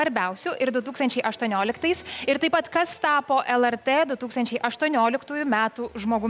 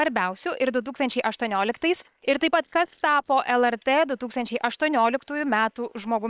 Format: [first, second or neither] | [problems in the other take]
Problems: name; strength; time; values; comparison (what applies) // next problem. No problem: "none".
first | noise reduction (neural separator model SepFormer WHAM!)